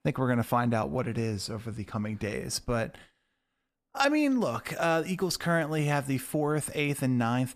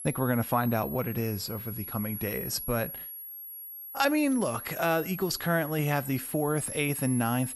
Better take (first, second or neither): first